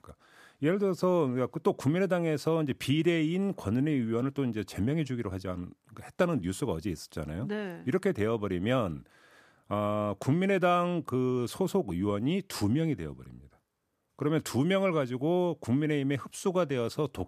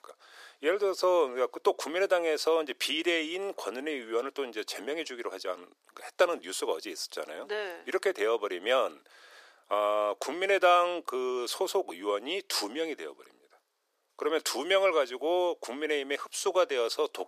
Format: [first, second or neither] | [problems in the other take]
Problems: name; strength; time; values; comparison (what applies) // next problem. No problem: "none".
first | thin; very; fading below 400 Hz